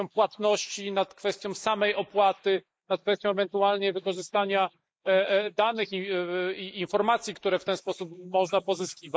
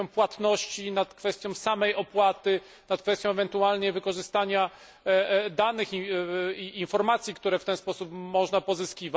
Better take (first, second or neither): second